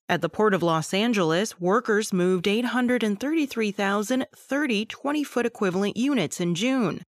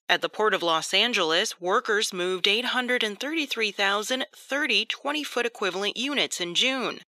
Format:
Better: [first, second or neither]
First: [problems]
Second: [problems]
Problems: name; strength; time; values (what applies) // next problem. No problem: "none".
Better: first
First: none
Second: thin; somewhat; fading below 400 Hz